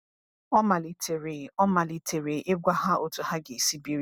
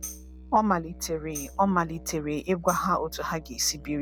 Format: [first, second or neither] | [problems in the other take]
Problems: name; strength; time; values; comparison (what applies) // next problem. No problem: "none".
first | background sound (Tambourine + Musical instrument); 15 dB below the speech